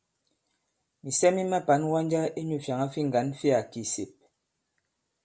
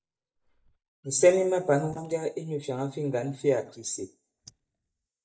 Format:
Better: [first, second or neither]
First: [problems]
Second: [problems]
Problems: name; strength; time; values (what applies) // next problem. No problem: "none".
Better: first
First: none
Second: noise reduction (neural mask model DeepFilterNet 3)